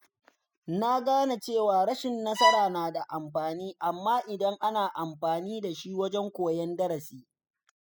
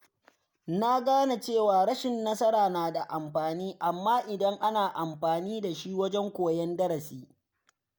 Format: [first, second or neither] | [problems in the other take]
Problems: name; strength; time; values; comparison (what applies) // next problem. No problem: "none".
second | noise reduction (classical method spectral subtraction)